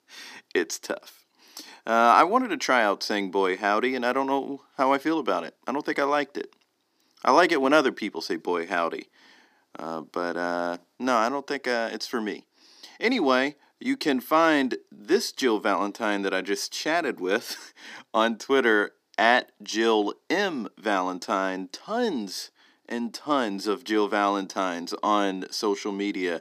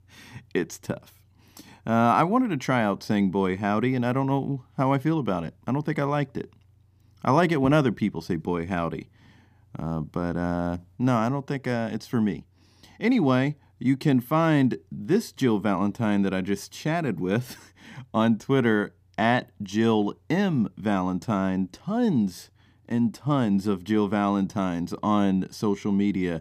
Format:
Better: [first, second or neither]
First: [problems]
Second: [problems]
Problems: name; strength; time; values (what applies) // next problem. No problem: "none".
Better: second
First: thin; somewhat; fading below 300 Hz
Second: none